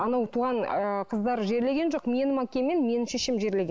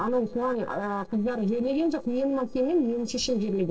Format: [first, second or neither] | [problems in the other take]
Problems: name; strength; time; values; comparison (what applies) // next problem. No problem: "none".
first | noise reduction (neural separator model SepFormer DNS4)